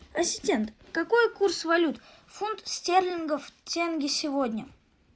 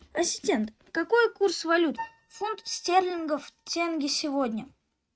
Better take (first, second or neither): first